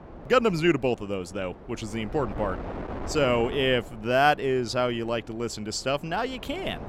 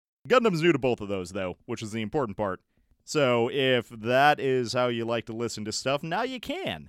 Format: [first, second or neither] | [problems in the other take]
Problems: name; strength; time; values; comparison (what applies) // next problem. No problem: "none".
second | wind noise on the microphone; occasional gusts; 15 dB below the speech